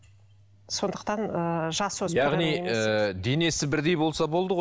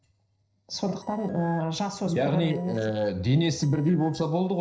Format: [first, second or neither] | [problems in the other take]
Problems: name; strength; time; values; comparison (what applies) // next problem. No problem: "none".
first | noise reduction (neural separator model SepFormer DNS4)